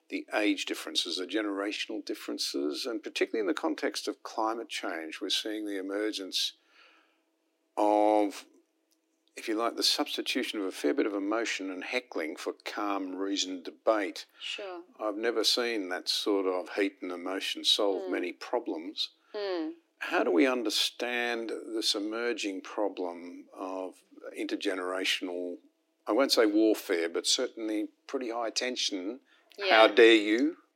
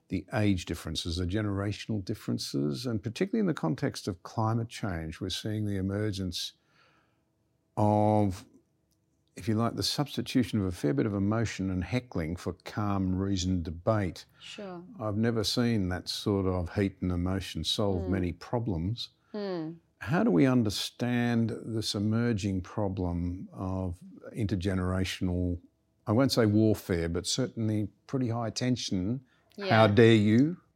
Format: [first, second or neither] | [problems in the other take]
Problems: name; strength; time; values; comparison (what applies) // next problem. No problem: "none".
second | thin; somewhat; fading below 300 Hz